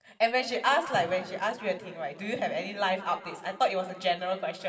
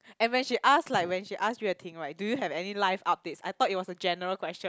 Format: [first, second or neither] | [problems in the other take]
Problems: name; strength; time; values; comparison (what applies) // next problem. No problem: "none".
second | room echo; dies away in 1.9 s